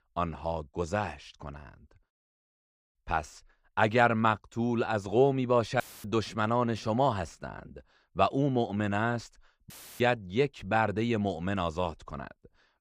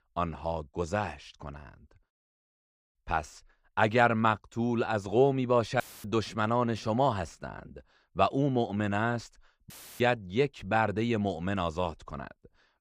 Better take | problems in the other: neither | audio cutting out; filled with static; at 6 s and at 9.5 s; the same in both

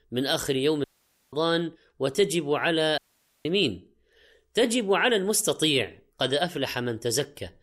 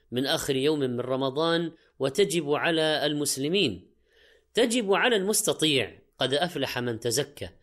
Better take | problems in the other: second | audio cutting out; at 1 s and at 3 s

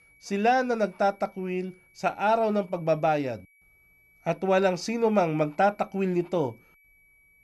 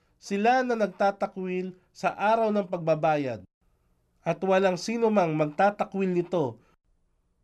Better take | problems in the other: second | high-pitched whine; faint; throughout; 2.5 kHz, 30 dB below the speech

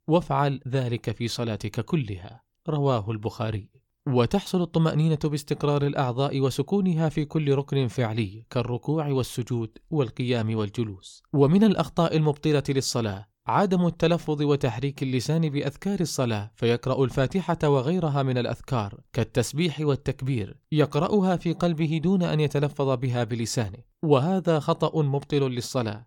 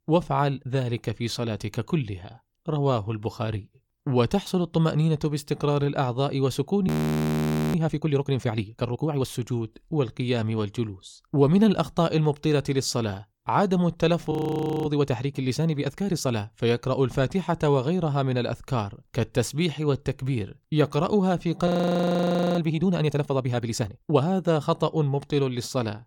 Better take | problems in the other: first | audio freezing; at 7 s for 1 s, at 14 s for 0.5 s and at 22 s for 1 s

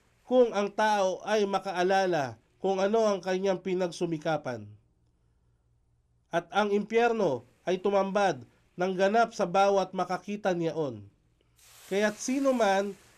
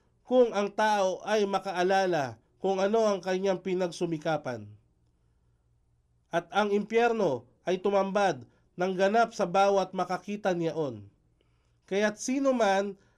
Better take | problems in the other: second | hiss; faint; until 3.5 s and from 7.5 s on; 25 dB below the speech

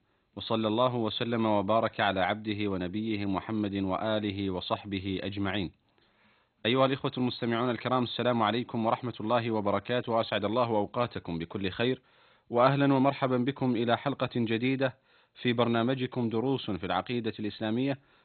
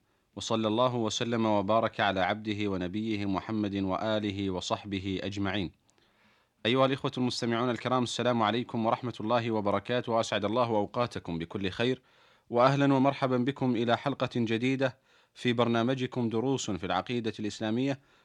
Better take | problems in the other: second | garbled, watery; badly; nothing above 4 kHz

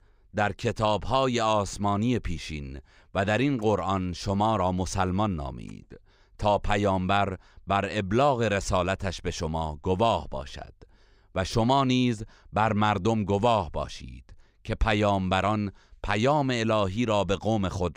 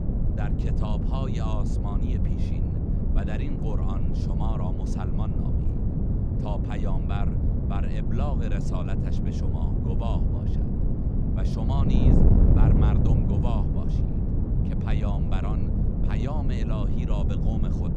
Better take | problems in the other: first | wind noise on the microphone; heavy; 3 dB above the speech

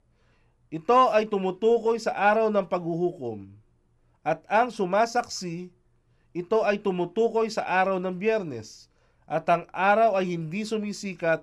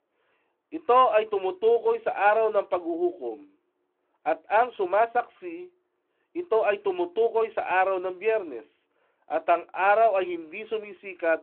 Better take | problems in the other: first | phone-call audio

